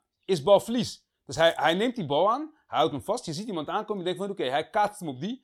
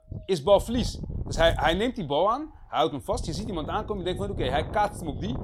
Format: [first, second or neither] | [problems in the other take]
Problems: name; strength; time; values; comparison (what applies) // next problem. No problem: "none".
first | wind noise on the microphone; occasional gusts; 20 dB below the speech